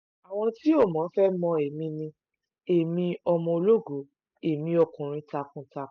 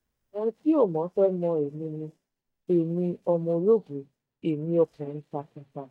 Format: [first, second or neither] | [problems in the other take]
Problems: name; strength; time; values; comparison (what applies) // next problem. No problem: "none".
first | noise reduction (neural mask model DeepFilterNet 3)